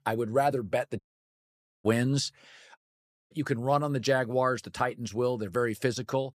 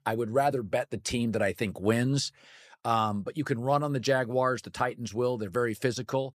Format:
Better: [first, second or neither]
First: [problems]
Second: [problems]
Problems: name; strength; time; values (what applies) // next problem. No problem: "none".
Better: second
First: audio cutting out; at 1 s for 1 s and at 3 s for 0.5 s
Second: none